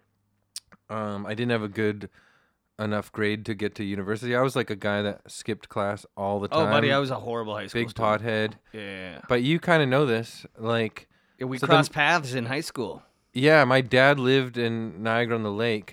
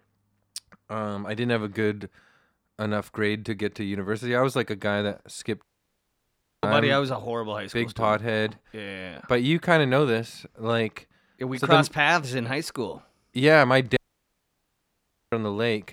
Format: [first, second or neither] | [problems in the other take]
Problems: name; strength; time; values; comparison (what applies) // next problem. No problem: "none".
first | audio cutting out; at 5.5 s for 1 s and at 14 s for 1.5 s